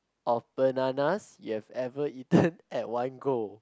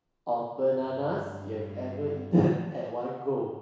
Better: first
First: none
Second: background sound (Bowed string instrument); 15 dB below the speech // room echo; dies away in 1.1 s

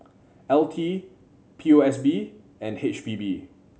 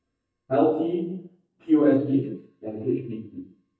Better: first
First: none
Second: noise reduction (neural mask model DeepFilterNet 3)

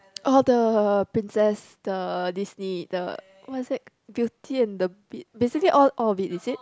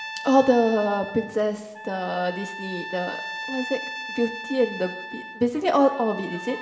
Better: first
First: none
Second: background sound (Trumpet); 11 dB below the speech // room echo; dies away in 0.9 s

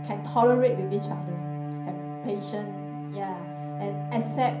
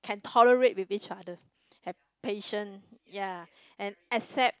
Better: second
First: background sound (Bowed string instrument); 5 dB below the speech // room echo; dies away in 0.6 s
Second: none

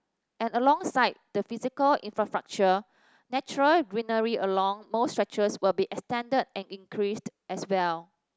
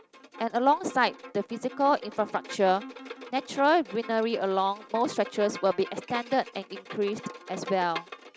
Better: first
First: none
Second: background sound (Bowed string instrument); 15 dB below the speech

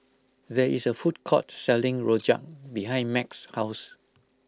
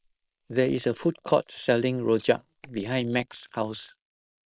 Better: first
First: none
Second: noise reduction (neural mask model Resemble Enhance denoiser)

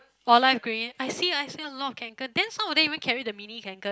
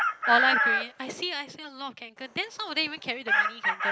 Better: first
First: none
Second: background sound (Chicken, rooster); 4 dB above the speech

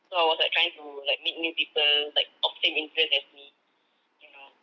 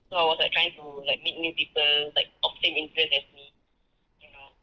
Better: first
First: none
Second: noise reduction (neural separator model SepFormer DNS4)

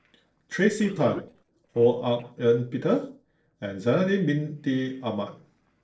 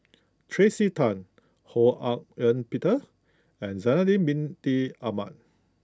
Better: second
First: noise reduction (neural separator model SepFormer DNS4)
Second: none

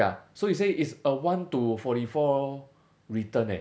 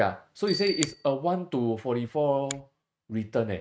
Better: first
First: none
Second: noise reduction (neural mask model RNNoise)

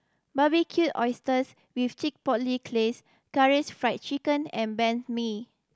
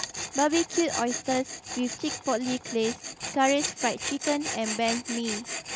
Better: first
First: none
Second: background sound (Tools); 6 dB below the speech

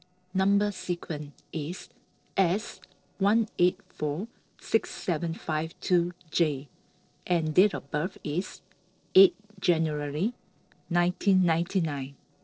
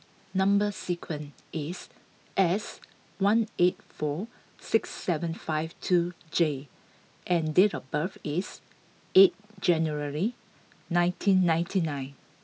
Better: second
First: noise reduction (neural separator model SepFormer DNS4)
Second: none

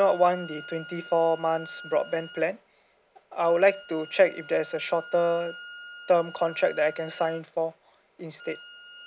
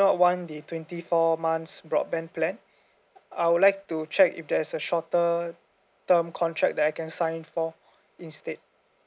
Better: second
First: background sound (Wind instrument, woodwind instrument); 18 dB below the speech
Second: none

